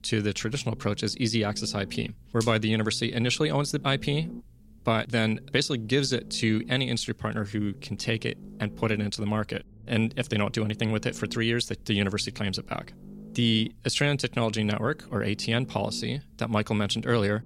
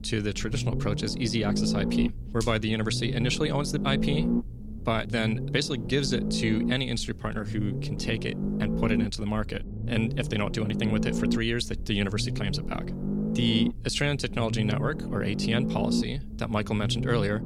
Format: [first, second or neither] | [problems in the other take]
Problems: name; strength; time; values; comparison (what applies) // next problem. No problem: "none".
first | low rumble; loud; throughout; 6 dB below the speech; faint in the first